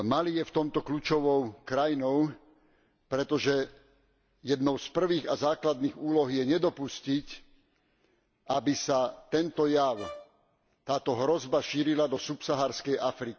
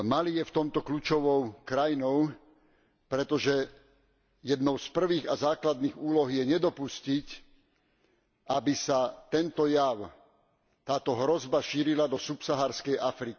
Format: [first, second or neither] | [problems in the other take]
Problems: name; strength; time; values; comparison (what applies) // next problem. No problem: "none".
second | background sound (Brass instrument); 18 dB below the speech